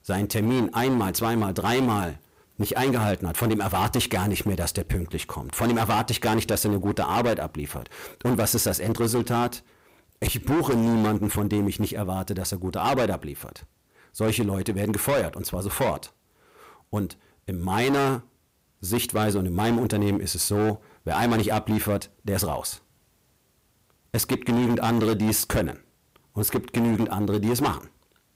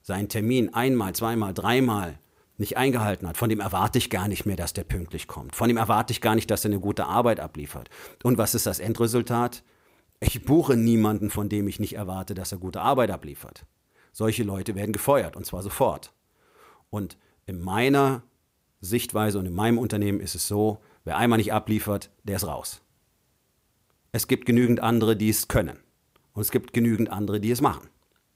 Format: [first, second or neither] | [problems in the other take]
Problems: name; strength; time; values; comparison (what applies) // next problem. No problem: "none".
second | distortion; heavy; 15% of the sound clipped